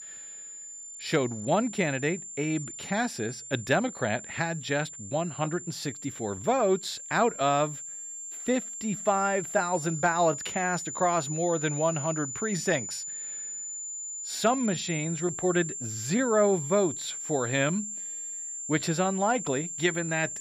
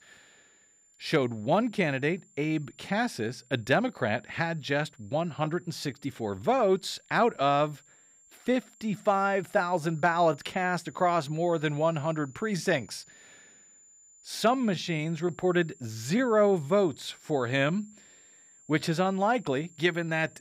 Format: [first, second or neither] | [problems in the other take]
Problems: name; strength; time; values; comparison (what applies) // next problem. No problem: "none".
second | high-pitched whine; loud; throughout; 7.5 kHz, 7 dB below the speech; faint in the second